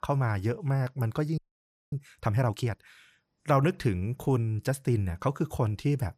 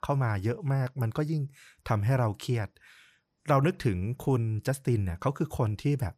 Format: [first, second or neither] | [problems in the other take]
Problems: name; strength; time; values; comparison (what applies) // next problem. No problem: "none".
second | audio freezing; at 1.5 s for 0.5 s